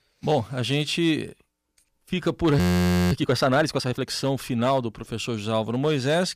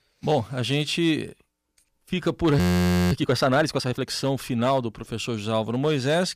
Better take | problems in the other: neither | audio freezing; at 2.5 s for 0.5 s; the same in both

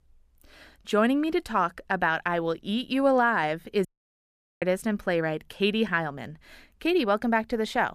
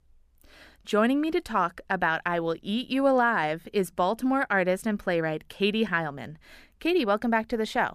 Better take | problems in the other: second | audio cutting out; at 4 s for 1 s

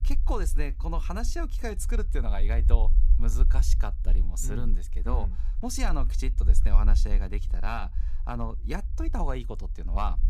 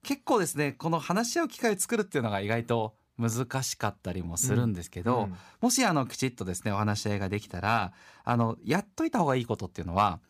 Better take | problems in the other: second | low rumble; noticeable; throughout; 15 dB below the speech

